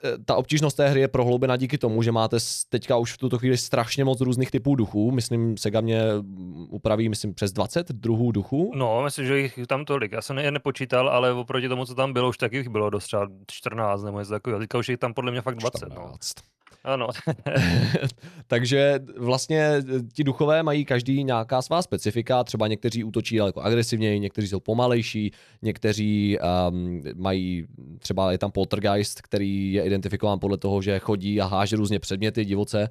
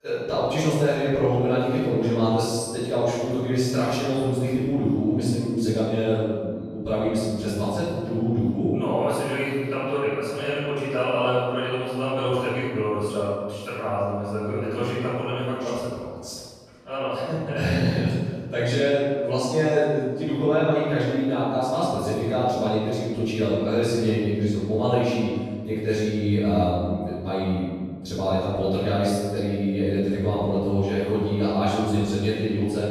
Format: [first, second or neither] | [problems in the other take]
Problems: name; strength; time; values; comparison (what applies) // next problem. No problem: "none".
first | room echo; strong; dies away in 1.6 s // off-mic speech; far